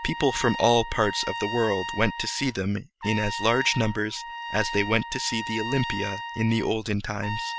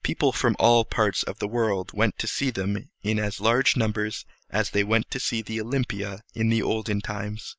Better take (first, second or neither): second